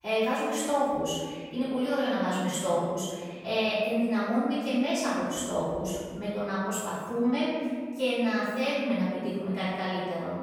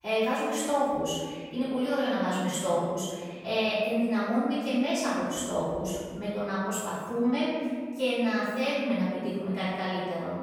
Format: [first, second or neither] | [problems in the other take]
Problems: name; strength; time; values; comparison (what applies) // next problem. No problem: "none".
neither | room echo; strong; dies away in 1.6 s; the same in both // off-mic speech; far; the same in both